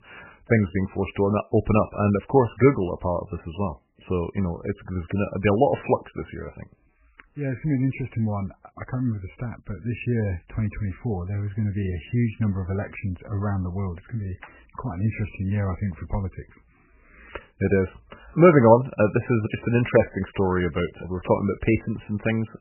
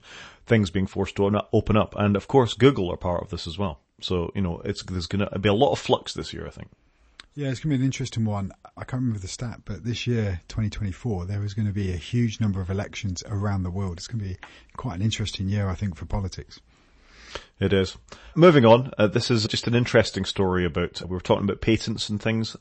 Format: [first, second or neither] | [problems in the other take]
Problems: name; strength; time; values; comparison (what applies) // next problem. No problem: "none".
second | garbled, watery; badly; nothing above 3 kHz; slightly in the second